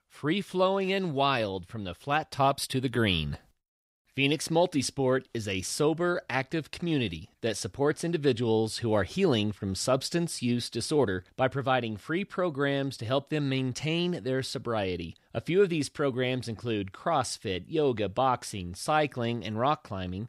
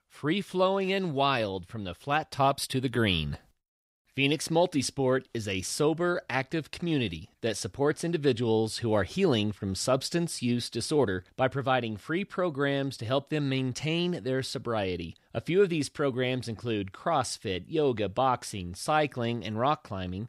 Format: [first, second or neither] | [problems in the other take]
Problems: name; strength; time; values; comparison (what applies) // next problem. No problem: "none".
neither | none